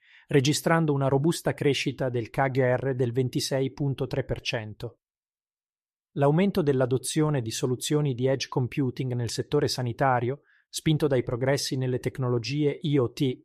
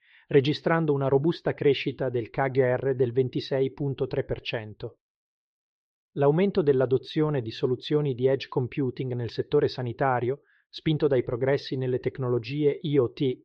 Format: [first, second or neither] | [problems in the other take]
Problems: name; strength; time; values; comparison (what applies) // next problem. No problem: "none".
first | muffled; slightly; fading above 4 kHz